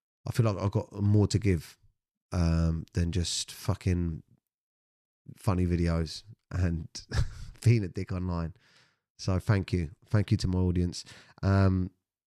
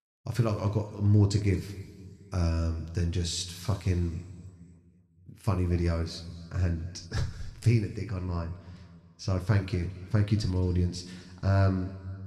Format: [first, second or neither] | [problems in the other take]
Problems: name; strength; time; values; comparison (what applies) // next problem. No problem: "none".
first | room echo; slight; dies away in 1.6 s